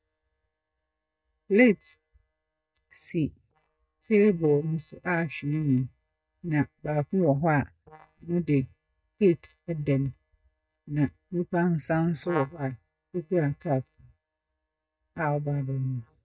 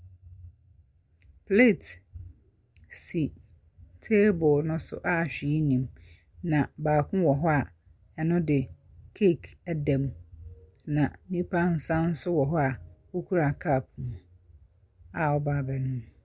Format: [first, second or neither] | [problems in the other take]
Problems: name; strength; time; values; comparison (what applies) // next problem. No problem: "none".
second | noise reduction (neural mask model DeepFilterNet 3)